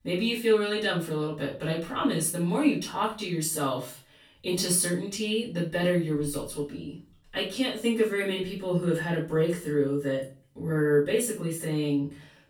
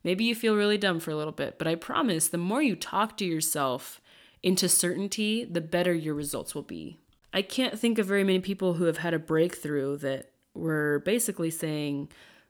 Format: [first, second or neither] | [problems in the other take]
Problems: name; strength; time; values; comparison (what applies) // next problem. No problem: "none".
second | room echo; slight; dies away in 0.3 s // off-mic speech; far